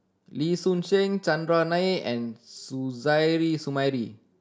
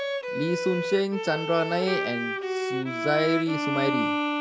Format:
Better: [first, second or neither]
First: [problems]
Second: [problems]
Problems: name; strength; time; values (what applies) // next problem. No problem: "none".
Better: first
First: none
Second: background sound (Bowed string instrument); 1 dB below the speech